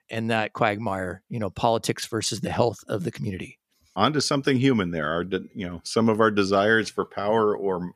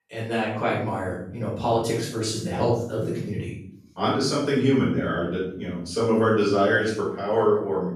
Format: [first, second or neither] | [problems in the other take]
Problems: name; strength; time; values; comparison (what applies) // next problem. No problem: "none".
first | off-mic speech; far // room echo; noticeable; dies away in 0.6 s